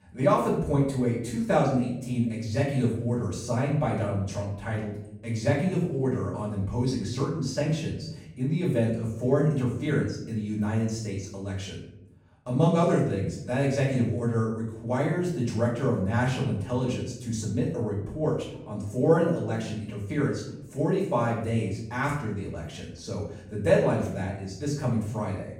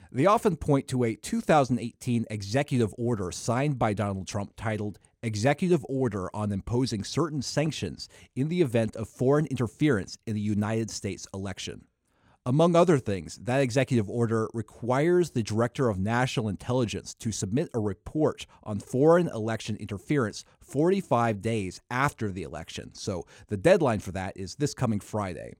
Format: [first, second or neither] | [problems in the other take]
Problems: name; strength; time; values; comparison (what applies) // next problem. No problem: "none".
second | off-mic speech; far // room echo; noticeable; dies away in 0.8 s